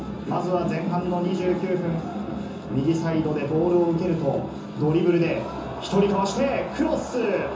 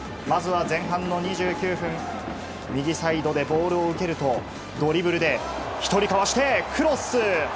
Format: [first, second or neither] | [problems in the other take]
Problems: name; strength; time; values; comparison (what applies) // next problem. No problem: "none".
second | room echo; dies away in 0.6 s